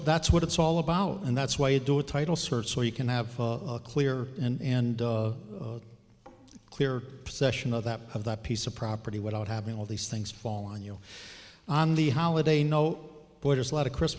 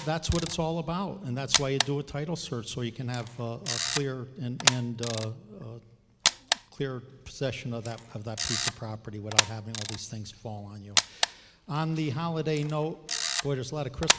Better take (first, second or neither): first